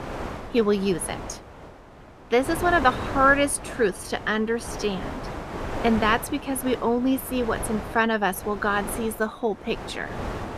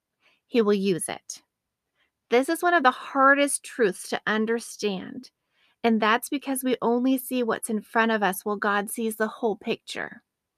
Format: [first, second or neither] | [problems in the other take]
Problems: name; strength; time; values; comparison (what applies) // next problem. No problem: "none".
second | wind noise on the microphone; occasional gusts; 10 dB below the speech